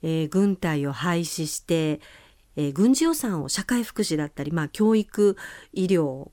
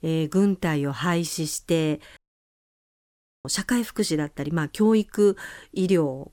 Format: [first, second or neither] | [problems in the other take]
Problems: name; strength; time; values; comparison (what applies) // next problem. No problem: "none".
first | audio cutting out; at 2 s for 1.5 s